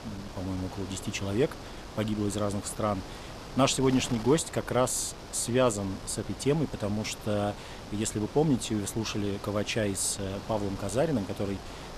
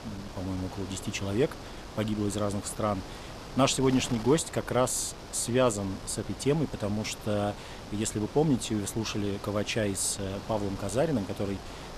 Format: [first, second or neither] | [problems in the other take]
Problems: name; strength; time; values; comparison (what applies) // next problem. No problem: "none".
neither | wind noise on the microphone; occasional gusts; 10 dB below the speech; the same in both